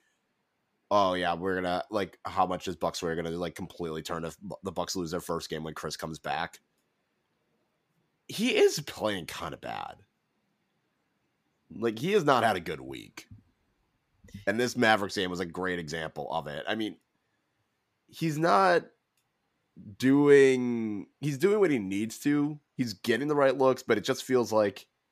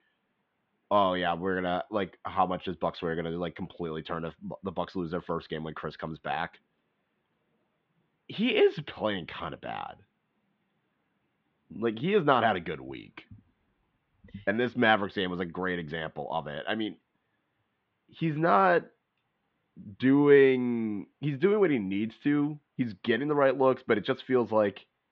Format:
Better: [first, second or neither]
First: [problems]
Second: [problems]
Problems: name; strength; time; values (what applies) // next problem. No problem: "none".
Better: first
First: none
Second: muffled; very; fading above 3.5 kHz